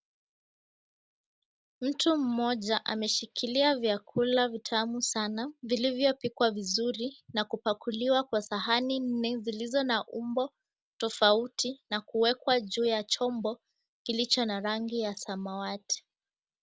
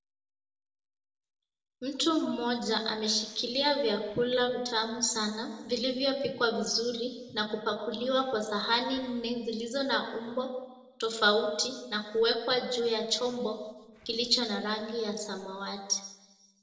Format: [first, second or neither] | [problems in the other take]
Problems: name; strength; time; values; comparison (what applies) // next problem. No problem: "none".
first | noise reduction (neural separator model SepFormer DNS4)